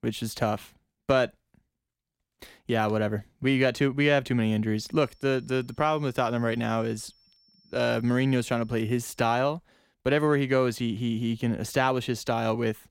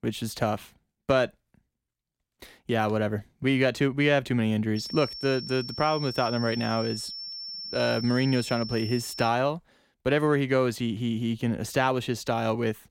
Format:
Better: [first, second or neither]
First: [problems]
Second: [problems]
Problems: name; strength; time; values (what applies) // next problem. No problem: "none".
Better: first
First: high-pitched whine; faint; from 5 to 9.5 s; 5.5 kHz, 35 dB below the speech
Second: high-pitched whine; loud; from 5 to 9.5 s; 5.5 kHz, 9 dB below the speech